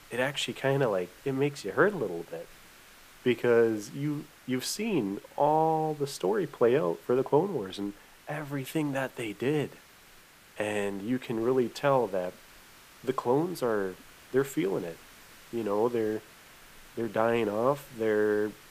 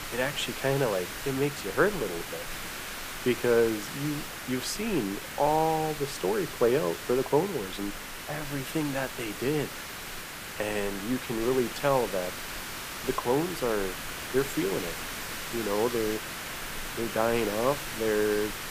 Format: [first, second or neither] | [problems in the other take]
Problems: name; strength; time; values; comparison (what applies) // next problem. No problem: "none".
first | hiss; loud; throughout; 6 dB below the speech; faint in the first